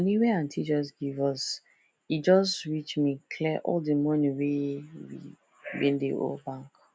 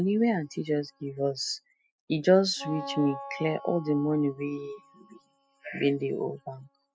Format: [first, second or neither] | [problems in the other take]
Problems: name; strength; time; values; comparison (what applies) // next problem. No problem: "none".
first | noise reduction (classical method spectral subtraction)